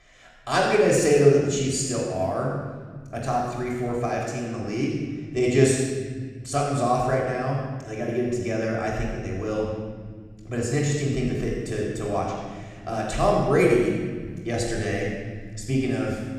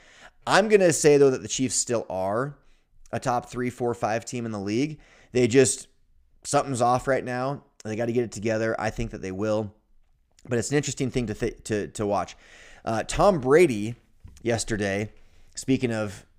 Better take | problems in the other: second | room echo; noticeable; dies away in 1.9 s // off-mic speech; far

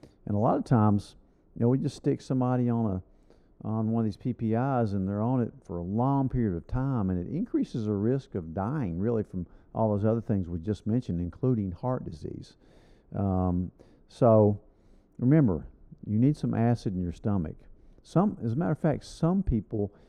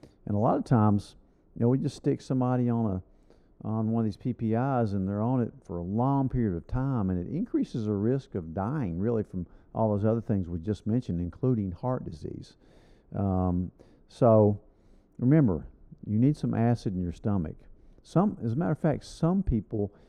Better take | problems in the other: neither | muffled; very; fading above 1 kHz; the same in both

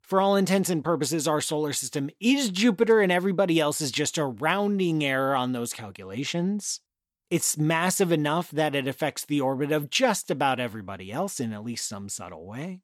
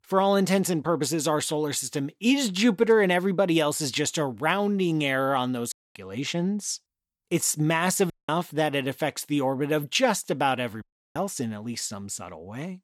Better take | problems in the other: first | audio cutting out; at 5.5 s, at 8 s and at 11 s

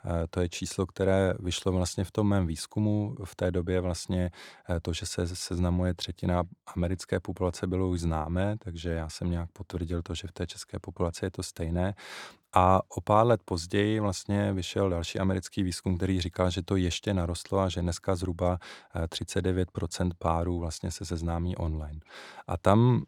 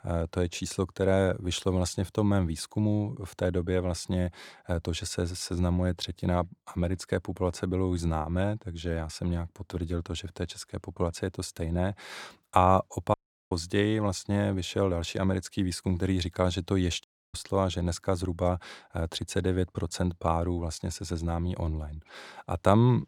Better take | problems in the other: first | audio cutting out; at 13 s and at 17 s

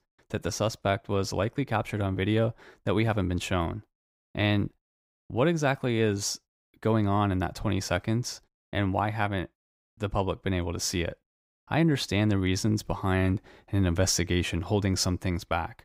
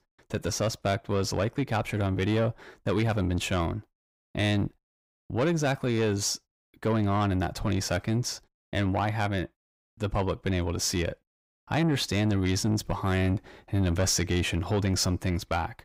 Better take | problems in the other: first | distortion; slight; 10 dB below the speech

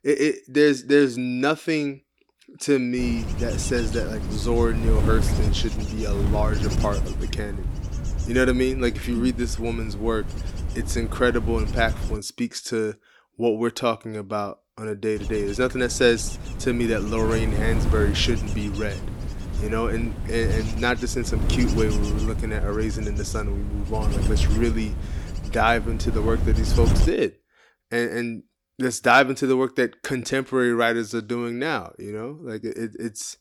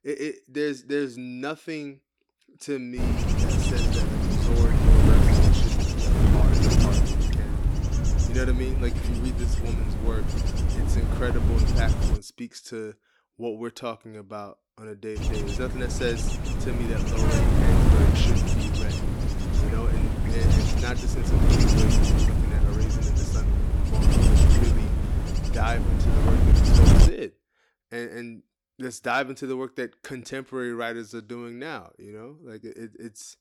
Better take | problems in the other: first | wind noise on the microphone; heavy; from 3 to 12 s and from 15 to 27 s; 2 dB above the speech; occasional gusts in the first

